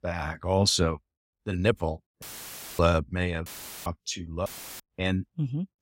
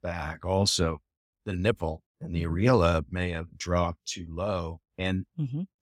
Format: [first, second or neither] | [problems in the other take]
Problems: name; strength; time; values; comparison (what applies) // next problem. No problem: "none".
second | audio cutting out; filled with static; at 2 s for 0.5 s, at 3.5 s and at 4.5 s